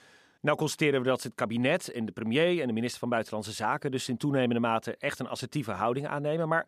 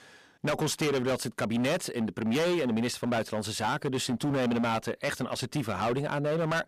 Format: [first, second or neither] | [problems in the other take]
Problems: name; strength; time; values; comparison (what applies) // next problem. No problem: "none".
first | distortion; heavy; 19% of the sound clipped